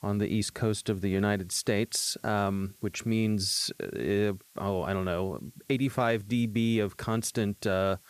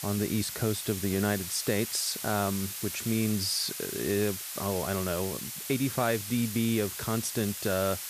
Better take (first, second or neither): first